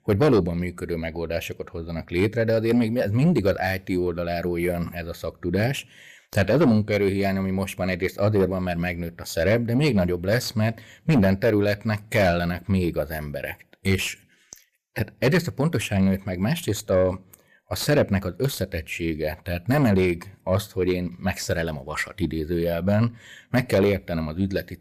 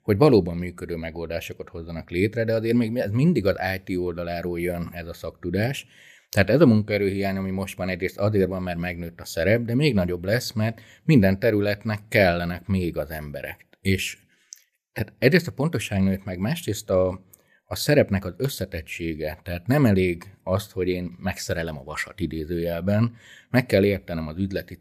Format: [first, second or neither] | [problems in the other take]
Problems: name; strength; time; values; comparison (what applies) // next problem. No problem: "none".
second | distortion; slight; 10 dB below the speech